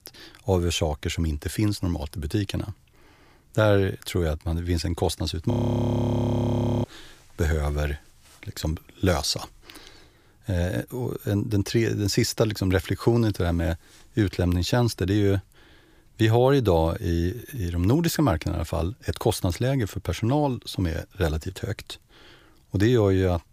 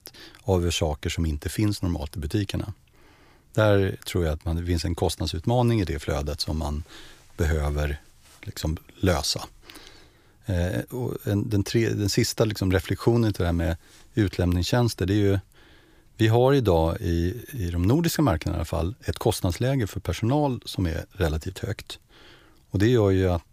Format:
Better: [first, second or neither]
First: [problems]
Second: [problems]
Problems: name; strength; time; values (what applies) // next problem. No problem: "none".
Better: second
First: audio freezing; at 5.5 s for 1.5 s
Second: none